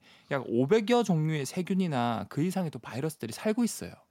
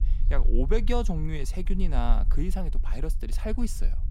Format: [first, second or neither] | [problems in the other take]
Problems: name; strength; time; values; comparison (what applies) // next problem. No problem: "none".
first | low rumble; noticeable; throughout; 20 dB below the speech